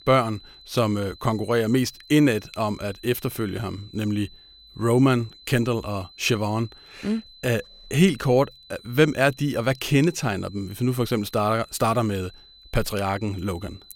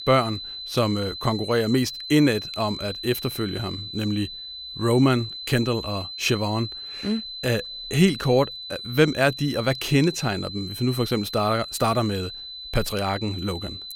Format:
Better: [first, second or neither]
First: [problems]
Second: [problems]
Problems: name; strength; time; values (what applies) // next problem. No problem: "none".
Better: first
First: high-pitched whine; faint; throughout; 4 kHz, 25 dB below the speech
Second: high-pitched whine; loud; throughout; 4 kHz, 9 dB below the speech